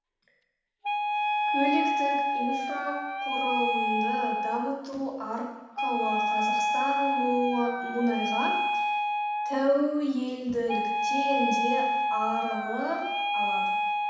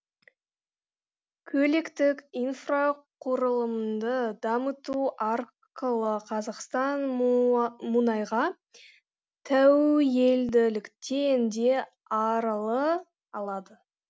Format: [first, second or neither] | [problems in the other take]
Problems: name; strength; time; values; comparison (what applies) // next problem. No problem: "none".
second | background sound (Wind instrument, woodwind instrument); 2 dB above the speech // room echo; dies away in 1.1 s